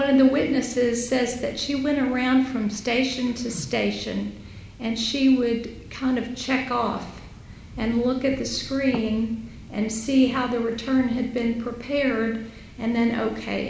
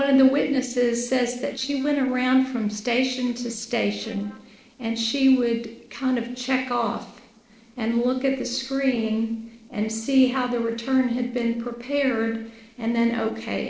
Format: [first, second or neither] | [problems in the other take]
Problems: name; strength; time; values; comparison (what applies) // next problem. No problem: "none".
first | noise reduction (neural separator model SepFormer DNS4)